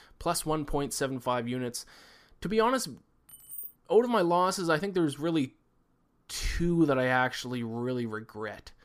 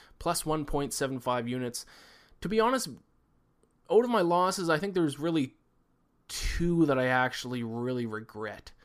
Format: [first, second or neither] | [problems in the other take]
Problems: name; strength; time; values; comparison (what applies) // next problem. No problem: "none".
second | jangling keys; faint; at 3.5 s; peak 10 dB below the speech